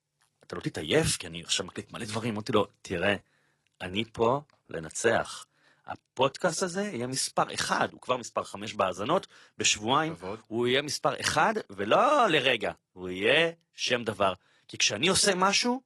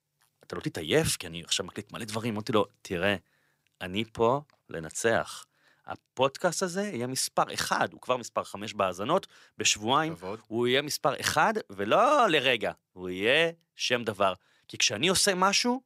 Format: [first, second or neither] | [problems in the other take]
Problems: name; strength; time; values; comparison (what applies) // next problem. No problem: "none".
second | garbled, watery; slightly; nothing above 11 kHz